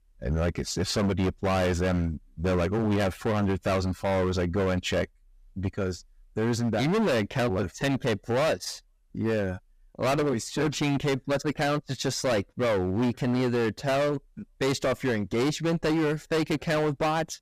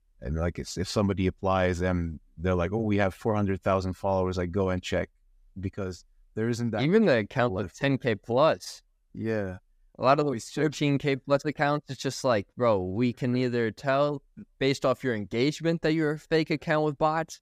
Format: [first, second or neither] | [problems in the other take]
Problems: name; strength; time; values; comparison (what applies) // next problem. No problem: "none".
second | distortion; heavy; 21% of the sound clipped